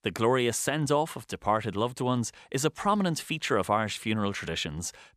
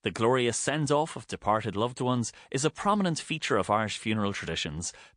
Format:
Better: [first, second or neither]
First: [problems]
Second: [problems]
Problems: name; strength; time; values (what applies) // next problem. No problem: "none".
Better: first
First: none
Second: garbled, watery; slightly; nothing above 9 kHz